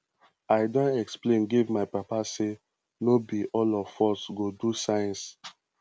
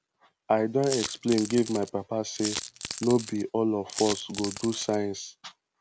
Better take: first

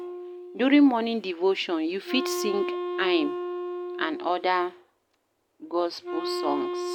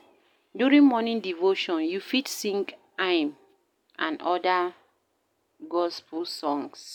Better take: second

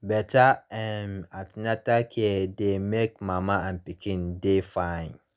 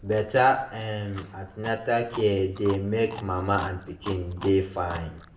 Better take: first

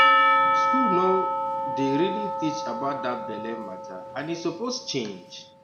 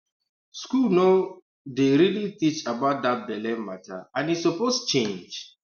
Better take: second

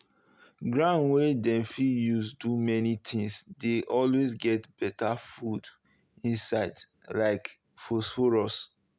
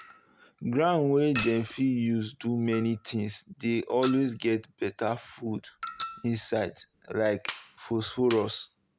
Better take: first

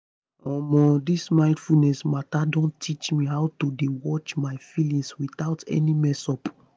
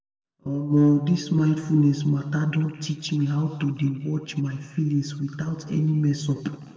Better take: first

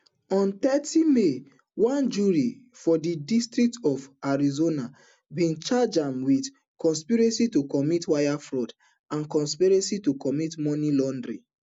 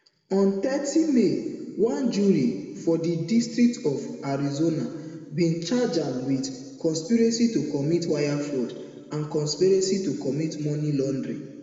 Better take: first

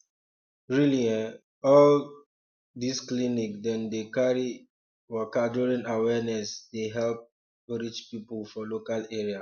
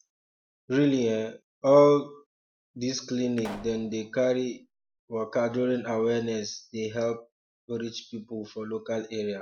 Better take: first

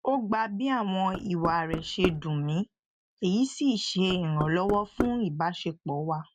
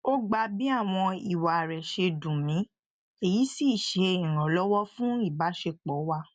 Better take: second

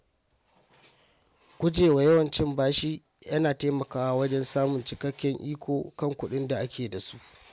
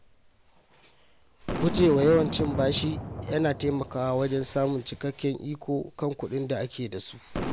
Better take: first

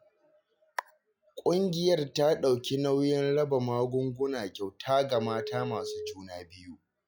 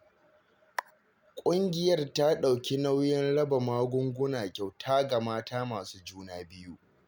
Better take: second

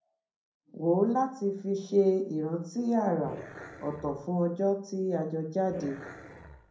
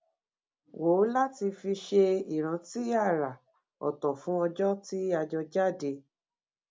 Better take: second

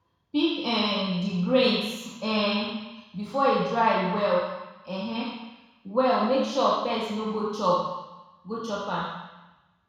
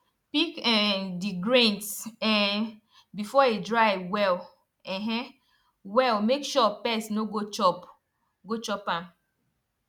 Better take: second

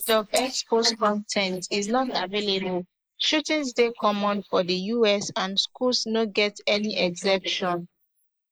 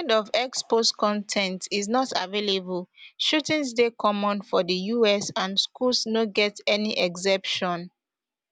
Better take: second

